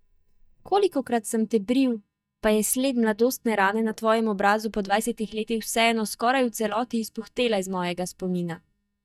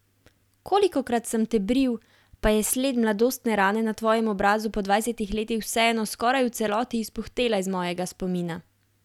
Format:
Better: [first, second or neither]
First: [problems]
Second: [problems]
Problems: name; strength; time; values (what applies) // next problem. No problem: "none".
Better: second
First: noise reduction (neural mask model DeepFilterNet 3)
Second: none